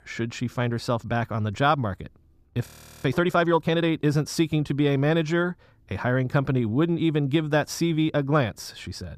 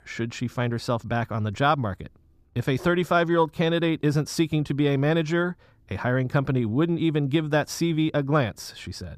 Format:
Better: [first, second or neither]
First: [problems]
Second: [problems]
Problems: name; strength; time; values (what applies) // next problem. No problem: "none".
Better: second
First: audio freezing; at 2.5 s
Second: none